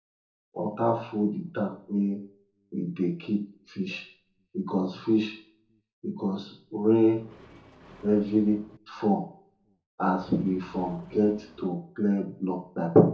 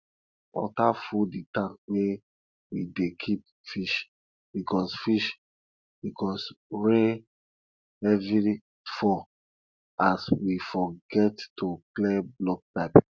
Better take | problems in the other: second | noise reduction (neural separator model SepFormer DNS4)

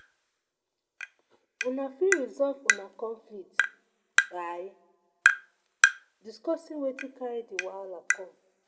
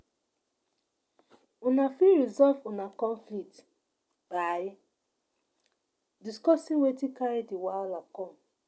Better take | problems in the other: second | background sound (Tap); 4 dB above the speech // room echo; dies away in 1.1 s

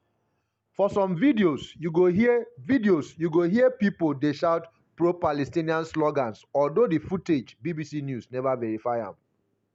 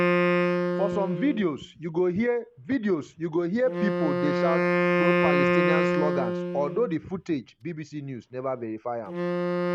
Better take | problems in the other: first | background sound (Wind instrument, woodwind instrument); 2 dB above the speech

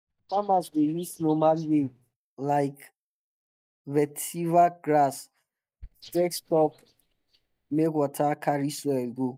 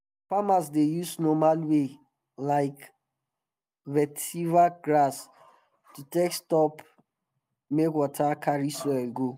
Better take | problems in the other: second | noise reduction (neural mask model DeepFilterNet 3)

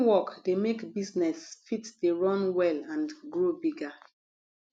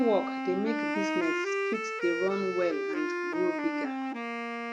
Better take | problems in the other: first | background sound (Wind instrument, woodwind instrument); as loud as the speech

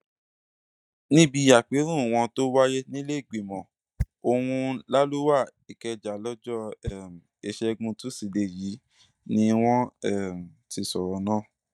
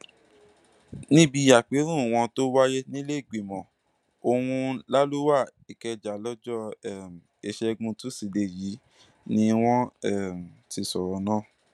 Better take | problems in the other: second | noise reduction (neural mask model DeepFilterNet 3)

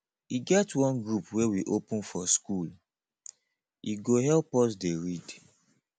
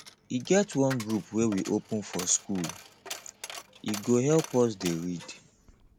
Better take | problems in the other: first | background sound (Coin (dropping)); 15 dB below the speech

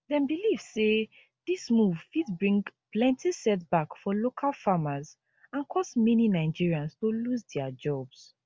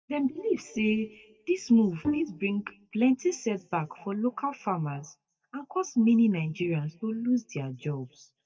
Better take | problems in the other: first | noise reduction (neural mask model DeepFilterNet 3)

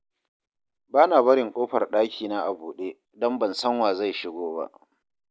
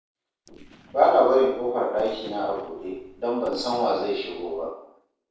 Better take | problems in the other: first | noise reduction (neural separator model SepFormer DNS4)

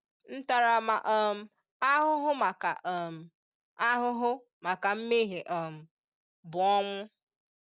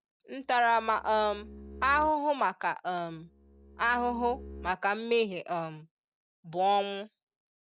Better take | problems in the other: first | background sound (Bowed string instrument); 17 dB below the speech

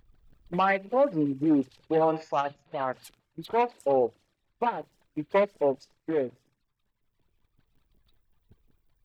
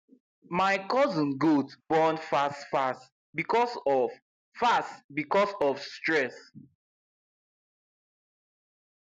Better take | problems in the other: second | noise reduction (neural mask model DeepFilterNet 3)

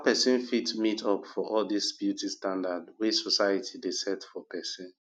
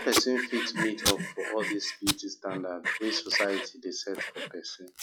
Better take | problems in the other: first | noise reduction (classical method log-MMSE)

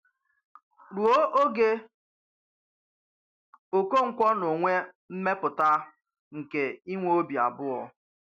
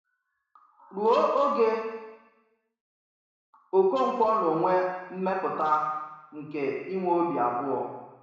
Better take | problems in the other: first | room echo; dies away in 1 s

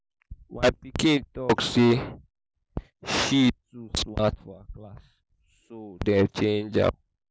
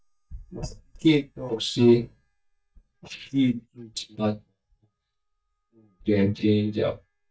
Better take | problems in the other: first | noise reduction (neural mask model DeepFilterNet 3)

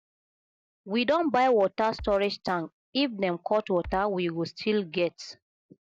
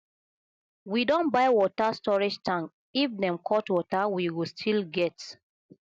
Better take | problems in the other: second | noise reduction (neural mask model DeepFilterNet 3)

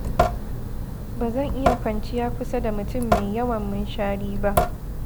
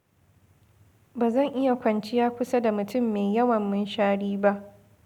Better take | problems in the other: second | background sound (Drip / Sink (filling or washing) / Water tap, faucet); 3 dB above the speech

